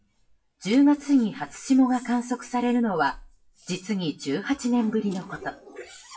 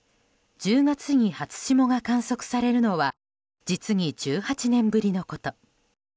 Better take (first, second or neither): second